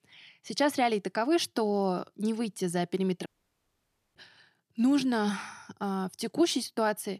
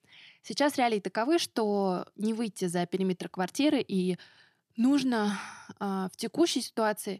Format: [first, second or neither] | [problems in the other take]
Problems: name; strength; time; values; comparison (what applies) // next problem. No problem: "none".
second | audio cutting out; at 3.5 s for 1 s